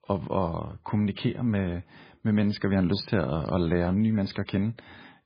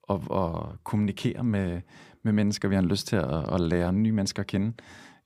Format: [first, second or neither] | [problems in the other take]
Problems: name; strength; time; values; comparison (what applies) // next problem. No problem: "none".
second | garbled, watery; badly; nothing above 5 kHz